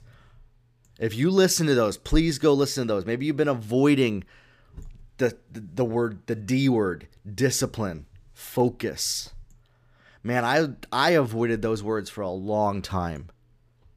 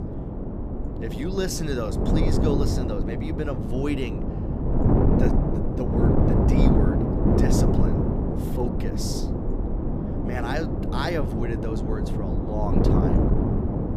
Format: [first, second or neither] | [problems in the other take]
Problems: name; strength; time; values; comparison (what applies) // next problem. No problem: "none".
first | wind noise on the microphone; heavy; 2 dB above the speech